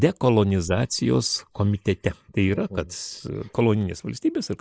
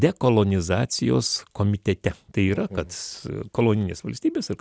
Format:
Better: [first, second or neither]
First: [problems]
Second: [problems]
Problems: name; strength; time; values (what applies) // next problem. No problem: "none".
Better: second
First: noise reduction (neural mask model Resemble Enhance denoiser)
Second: none